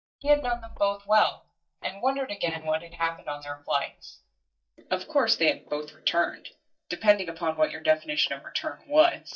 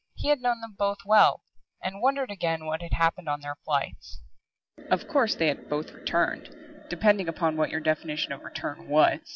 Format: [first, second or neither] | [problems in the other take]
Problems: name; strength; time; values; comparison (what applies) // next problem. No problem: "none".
second | noise reduction (neural mask model DeepFilterNet 3)